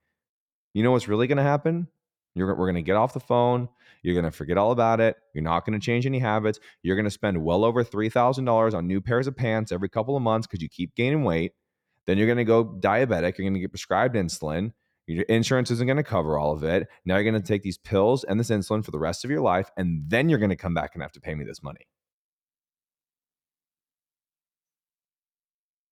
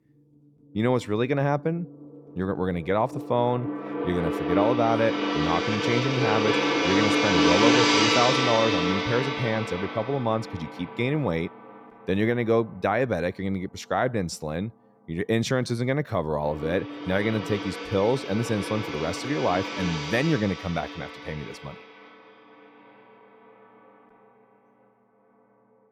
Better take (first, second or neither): first